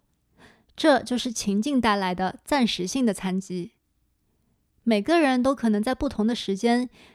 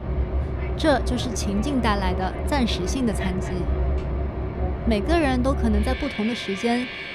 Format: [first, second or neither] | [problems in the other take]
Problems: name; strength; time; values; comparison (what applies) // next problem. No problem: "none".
first | train or aircraft noise; loud; throughout; 3 dB below the speech